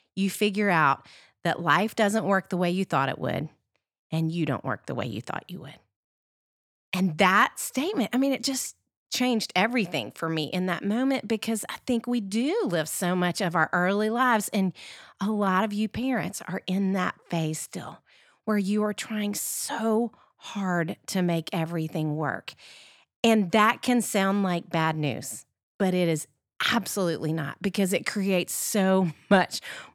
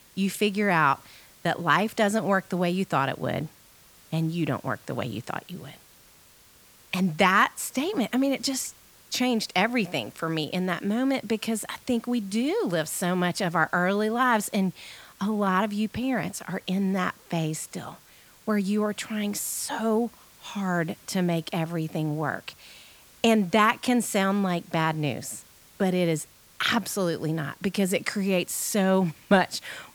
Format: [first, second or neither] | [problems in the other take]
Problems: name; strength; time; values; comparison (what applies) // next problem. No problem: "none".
first | hiss; faint; throughout; 25 dB below the speech